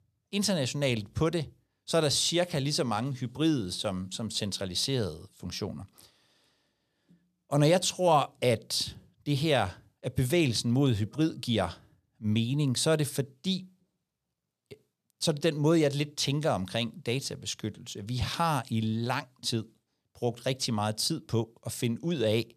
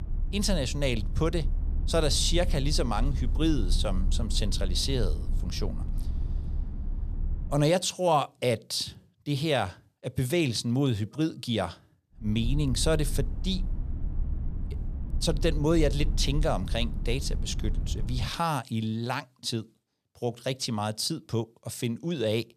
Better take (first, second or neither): first